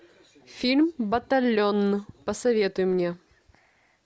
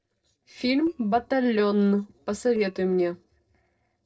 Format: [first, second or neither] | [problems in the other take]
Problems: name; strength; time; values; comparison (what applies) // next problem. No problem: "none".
first | noise reduction (neural separator model SepFormer DNS4)